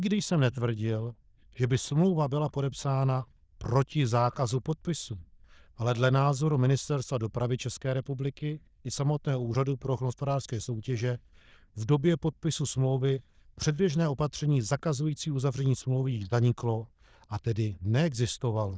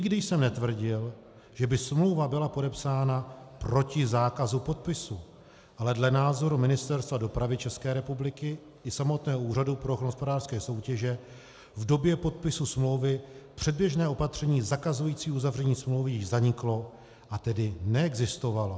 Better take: second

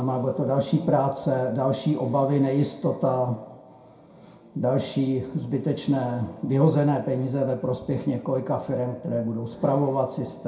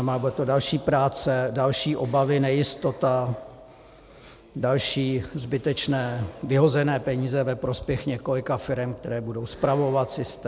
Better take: second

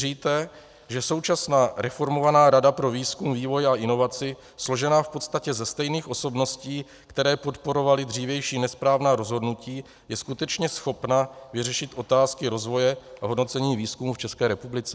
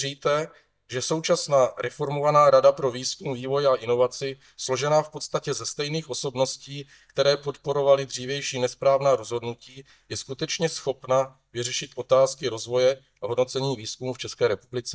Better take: first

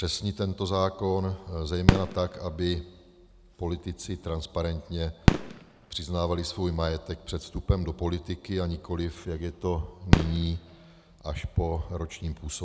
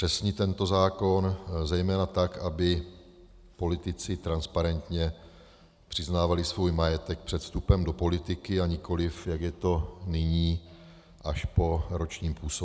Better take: second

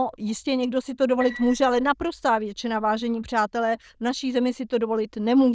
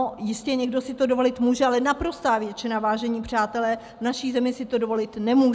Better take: second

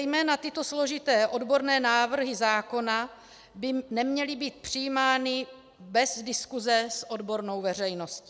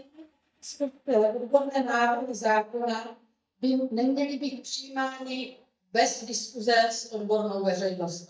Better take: first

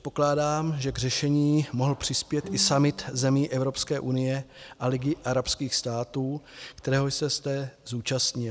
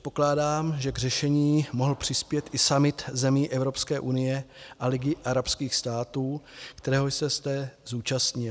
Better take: second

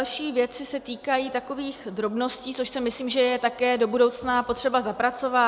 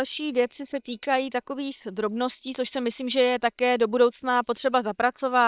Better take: first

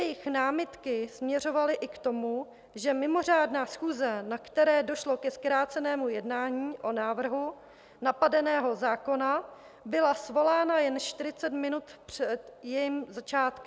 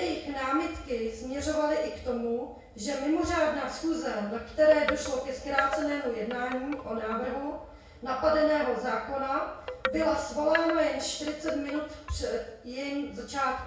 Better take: first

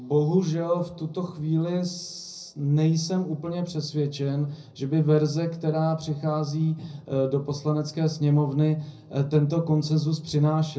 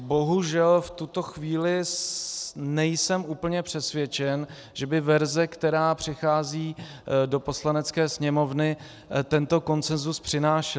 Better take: second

